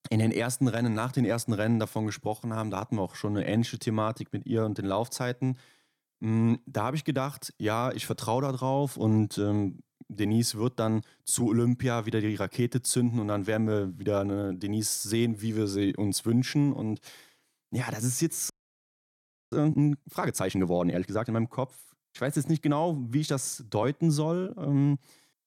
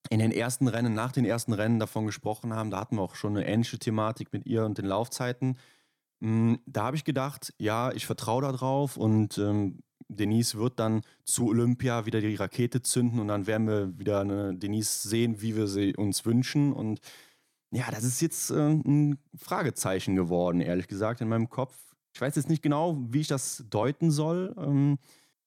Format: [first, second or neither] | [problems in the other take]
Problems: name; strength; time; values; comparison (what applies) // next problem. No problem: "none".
second | audio freezing; at 19 s for 1 s